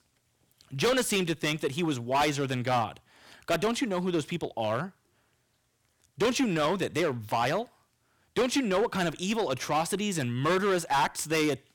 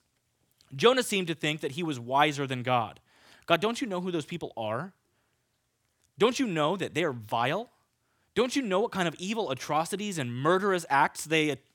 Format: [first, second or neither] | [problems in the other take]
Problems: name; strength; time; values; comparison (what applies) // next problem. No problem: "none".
second | distortion; heavy; 8% of the sound clipped